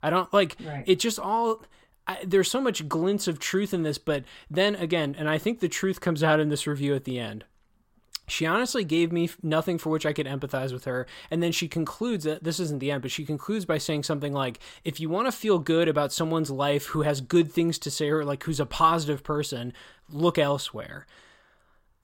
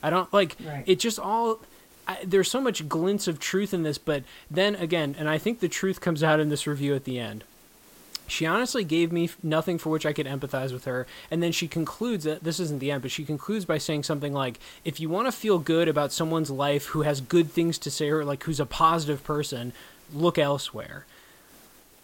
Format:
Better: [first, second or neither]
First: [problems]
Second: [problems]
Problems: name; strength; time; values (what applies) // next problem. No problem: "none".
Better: first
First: none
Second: hiss; faint; throughout; 25 dB below the speech